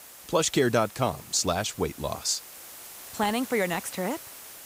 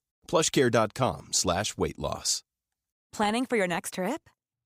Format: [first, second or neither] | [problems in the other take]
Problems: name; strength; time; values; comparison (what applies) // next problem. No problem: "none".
second | hiss; noticeable; throughout; 15 dB below the speech